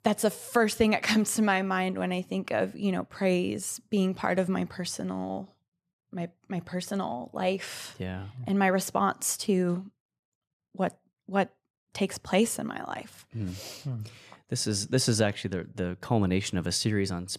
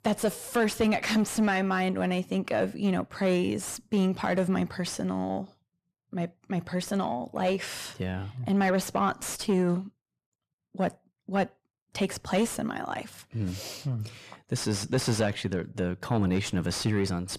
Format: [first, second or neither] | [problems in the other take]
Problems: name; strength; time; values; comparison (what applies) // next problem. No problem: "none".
first | distortion; slight; 10 dB below the speech